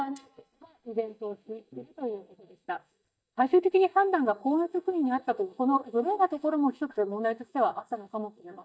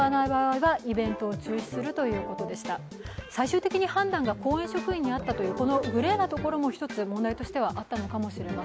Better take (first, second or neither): second